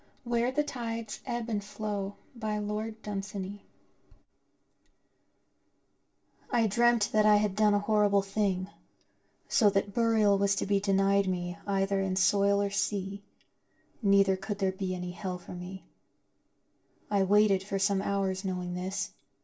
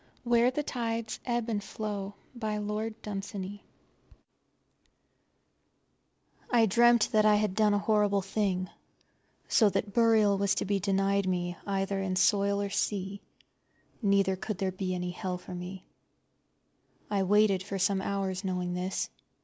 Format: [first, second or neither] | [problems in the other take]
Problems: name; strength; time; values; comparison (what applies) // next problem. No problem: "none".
second | room echo; dies away in 0.2 s